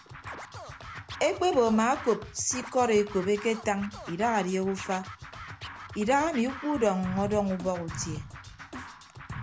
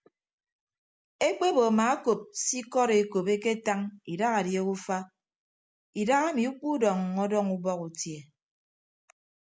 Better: second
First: background sound (Scratching (performance technique)); 13 dB below the speech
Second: none

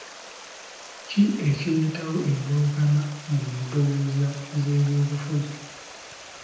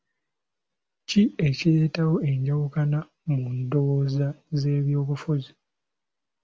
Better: second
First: background sound (Stream); 17 dB below the speech // room echo; dies away in 0.9 s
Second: none

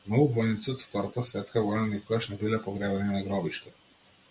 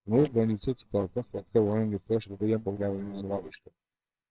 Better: first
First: none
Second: noise reduction (neural separator model SepFormer WHAMR!)

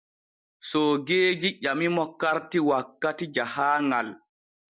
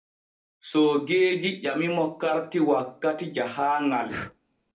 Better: first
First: none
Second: background sound (Breathing); 19 dB below the speech // room echo; dies away in 0.3 s

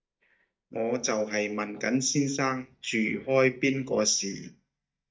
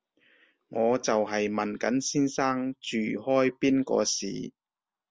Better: second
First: noise reduction (neural mask model DeepFilterNet 3)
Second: none

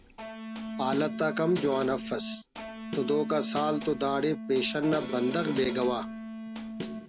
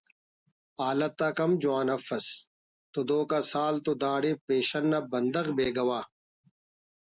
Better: second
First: background sound (Electric guitar + Snare drum); 7 dB below the speech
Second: none

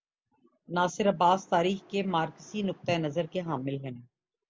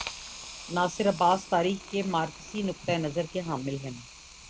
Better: first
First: none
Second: background sound (Hiss); 15 dB below the speech

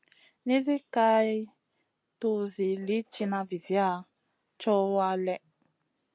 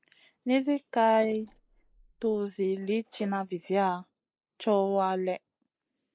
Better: first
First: none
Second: noise reduction (neural mask model Resemble Enhance denoiser)

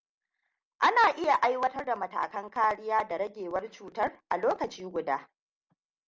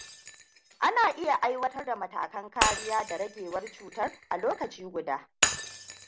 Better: first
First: none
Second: background sound (Shatter); 4 dB below the speech

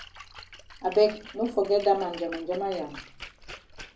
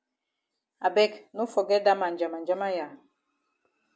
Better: second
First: background sound (Splash, splatter); 17 dB below the speech // room echo; dies away in 0.4 s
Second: none

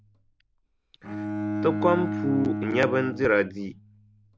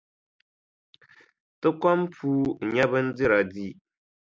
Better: second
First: background sound (Bowed string instrument); 5 dB below the speech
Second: none

